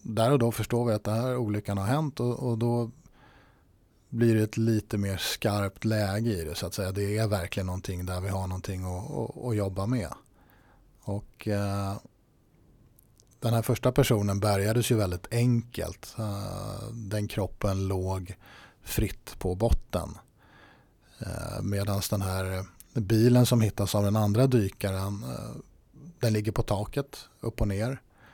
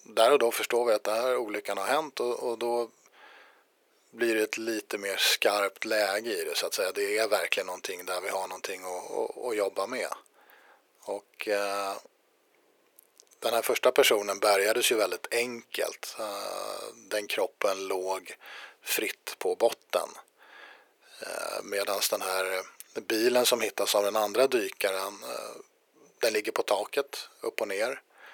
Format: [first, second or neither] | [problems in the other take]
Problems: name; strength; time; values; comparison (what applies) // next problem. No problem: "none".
first | thin; very; fading below 450 Hz